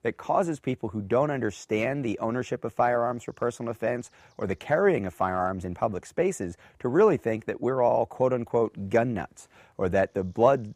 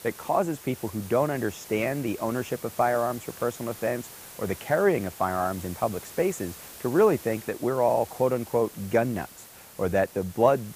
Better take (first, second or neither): first